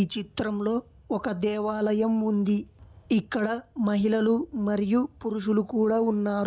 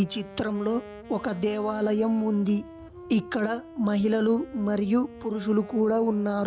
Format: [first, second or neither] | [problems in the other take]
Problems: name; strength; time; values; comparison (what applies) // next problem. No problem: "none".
first | background sound (Wind instrument, woodwind instrument); 18 dB below the speech